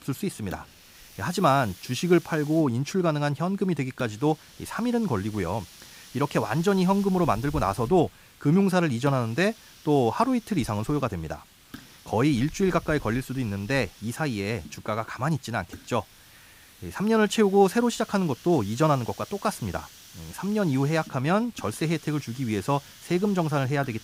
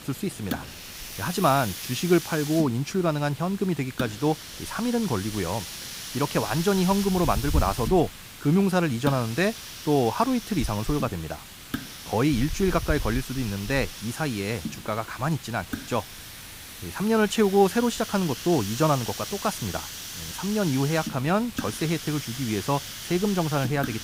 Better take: first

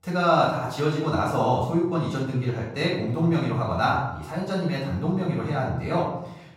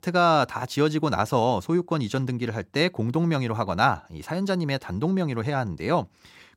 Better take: second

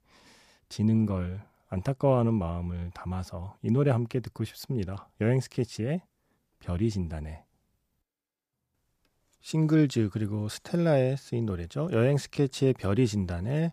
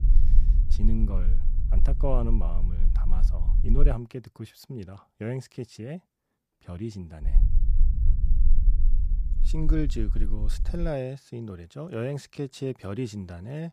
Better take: first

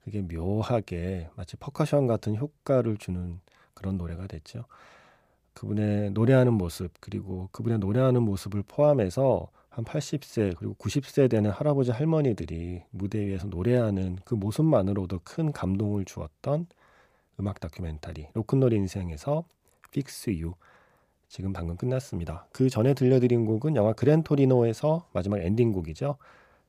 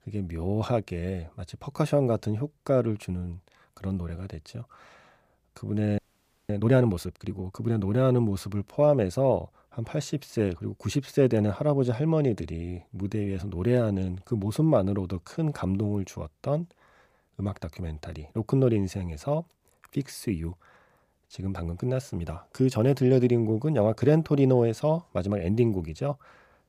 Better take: first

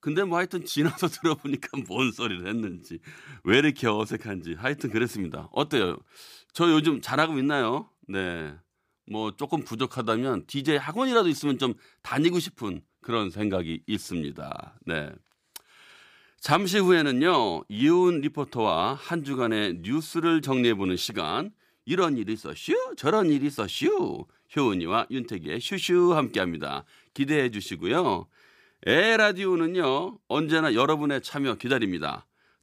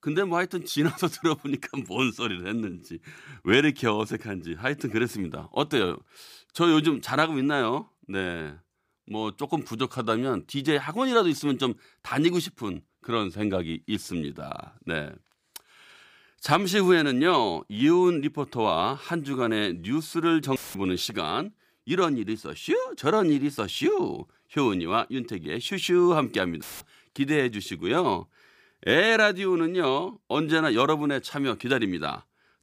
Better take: first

